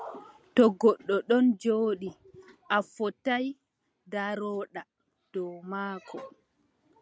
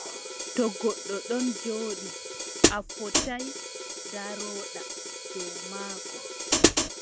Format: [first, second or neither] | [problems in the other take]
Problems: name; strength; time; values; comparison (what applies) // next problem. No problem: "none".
first | background sound (Hi-hat); 5 dB above the speech